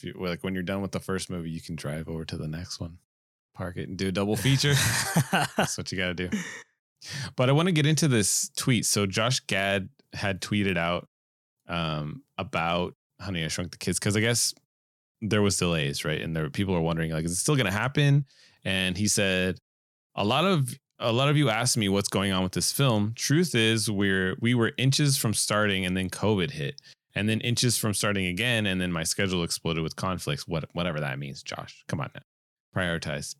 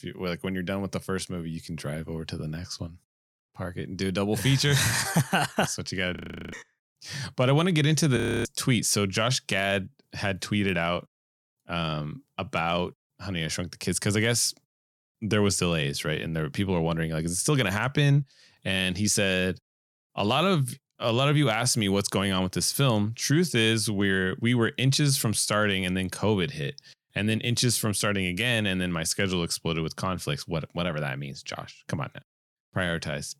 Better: first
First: none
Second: audio freezing; at 6 s and at 8 s

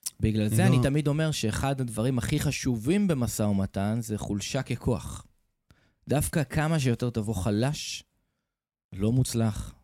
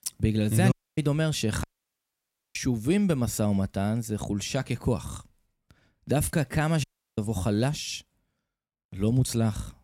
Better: first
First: none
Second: audio cutting out; at 0.5 s, at 1.5 s for 1 s and at 7 s

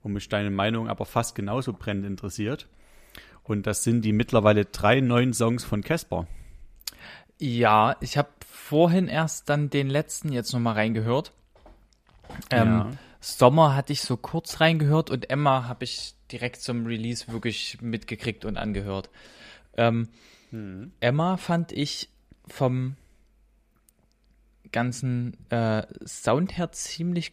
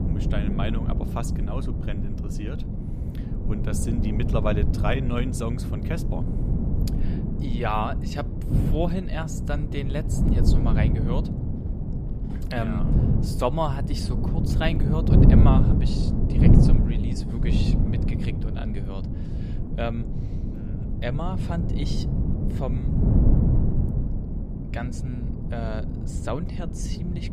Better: first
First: none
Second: wind noise on the microphone; heavy; 2 dB below the speech

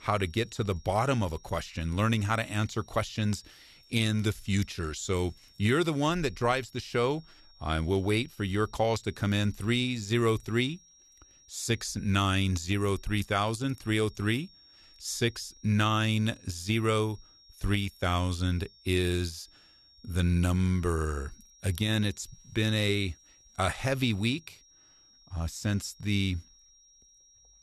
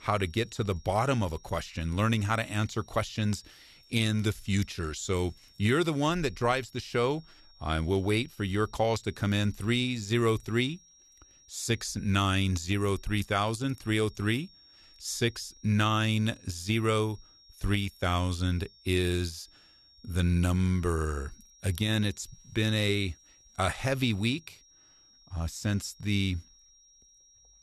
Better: neither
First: high-pitched whine; faint; throughout; 5.5 kHz, 25 dB below the speech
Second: high-pitched whine; faint; throughout; 5.5 kHz, 25 dB below the speech

